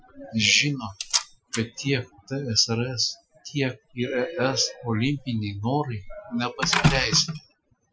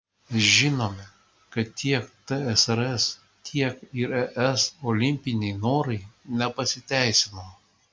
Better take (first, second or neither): second